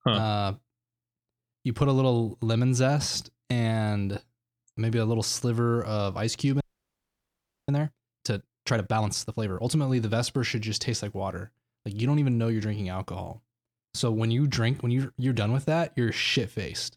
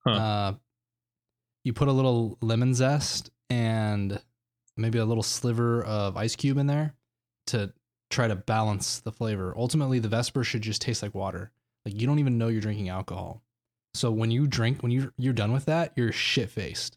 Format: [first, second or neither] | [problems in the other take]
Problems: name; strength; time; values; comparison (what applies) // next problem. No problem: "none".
second | audio freezing; at 6.5 s for 1 s